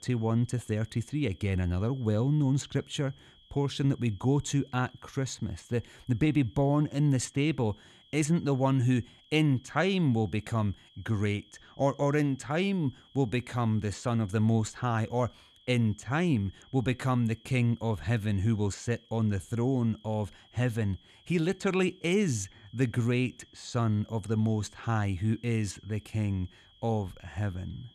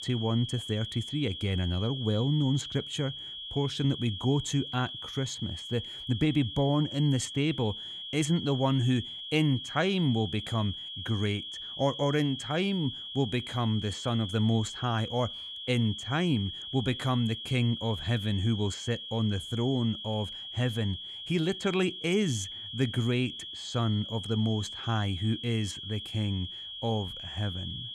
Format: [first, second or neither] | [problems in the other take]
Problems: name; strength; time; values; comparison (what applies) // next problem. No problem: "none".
first | high-pitched whine; loud; throughout; 3.5 kHz, 7 dB below the speech; faint in the first